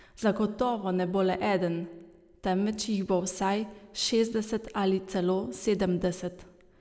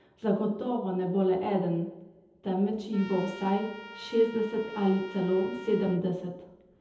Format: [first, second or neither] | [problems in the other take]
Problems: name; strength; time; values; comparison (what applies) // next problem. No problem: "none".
first | background sound (Trumpet); 17 dB below the speech // room echo; dies away in 0.7 s